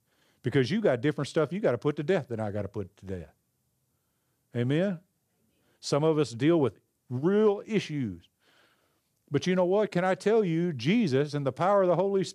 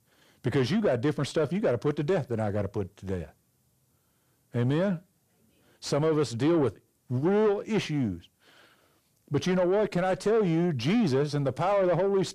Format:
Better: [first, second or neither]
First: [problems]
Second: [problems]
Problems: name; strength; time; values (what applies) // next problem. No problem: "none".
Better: first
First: none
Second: distortion; slight; 9 dB below the speech